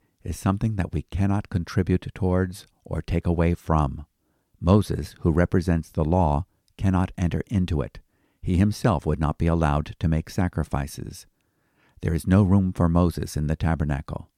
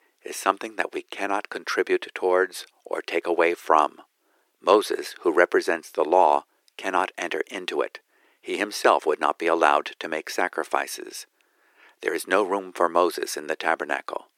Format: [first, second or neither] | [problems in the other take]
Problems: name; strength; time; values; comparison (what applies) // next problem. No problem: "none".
first | thin; very; fading below 350 Hz